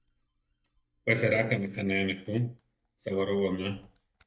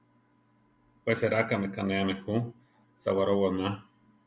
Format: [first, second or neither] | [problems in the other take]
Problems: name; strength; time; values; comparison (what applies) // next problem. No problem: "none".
second | noise reduction (neural mask model DeepFilterNet 3)